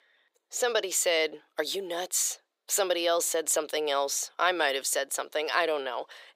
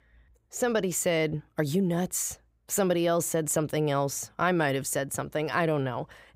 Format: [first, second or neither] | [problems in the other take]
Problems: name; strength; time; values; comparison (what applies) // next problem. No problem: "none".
second | thin; very; fading below 400 Hz